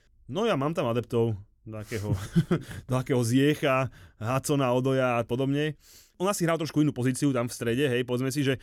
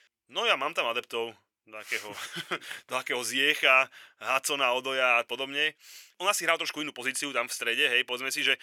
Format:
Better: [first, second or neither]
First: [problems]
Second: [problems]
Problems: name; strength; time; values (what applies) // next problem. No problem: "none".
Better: first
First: none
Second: thin; very; fading below 750 Hz